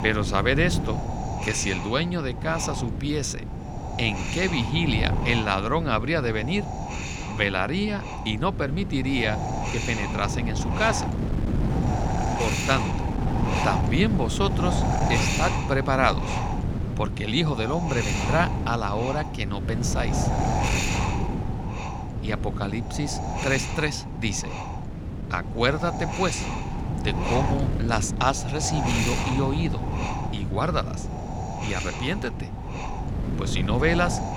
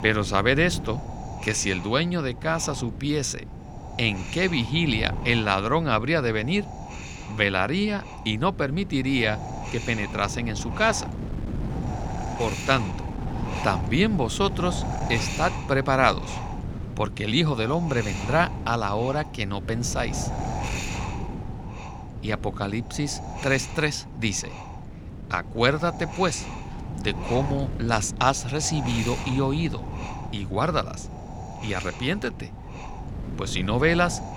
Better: second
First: wind noise on the microphone; heavy; 5 dB below the speech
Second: wind noise on the microphone; occasional gusts; 10 dB below the speech

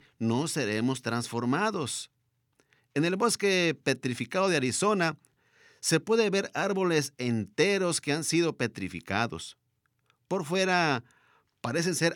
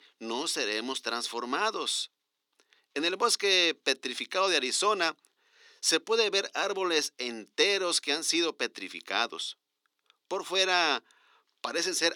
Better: first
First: none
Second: thin; somewhat; fading below 300 Hz

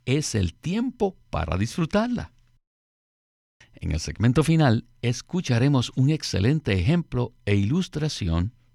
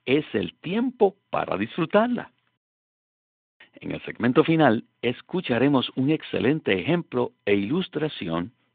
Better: first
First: none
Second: phone-call audio; nothing above 3.5 kHz

